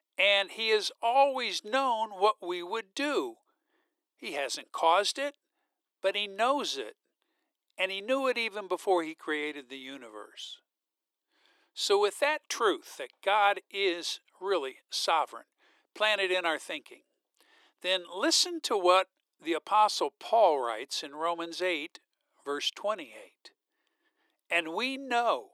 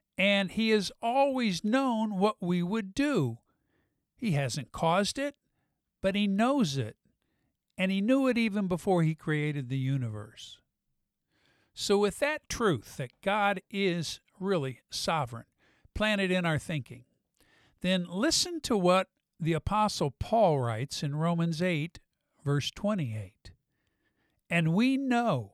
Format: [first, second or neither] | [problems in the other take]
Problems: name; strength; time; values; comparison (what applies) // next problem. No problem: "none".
second | thin; very; fading below 350 Hz